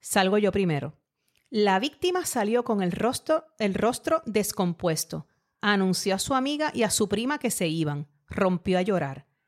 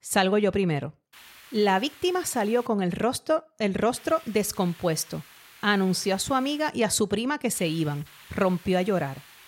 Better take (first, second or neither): first